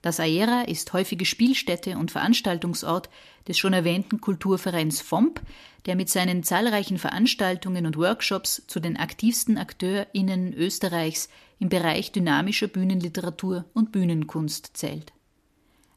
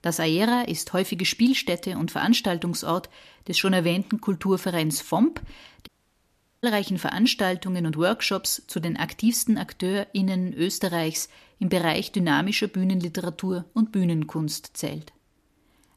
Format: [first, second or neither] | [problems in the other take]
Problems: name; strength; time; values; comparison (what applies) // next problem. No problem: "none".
first | audio cutting out; at 6 s for 1 s